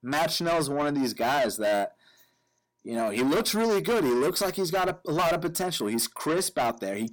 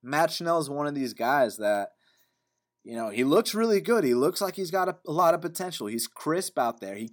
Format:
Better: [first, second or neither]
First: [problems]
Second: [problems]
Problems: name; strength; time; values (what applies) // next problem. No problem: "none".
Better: second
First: distortion; heavy; 6 dB below the speech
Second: none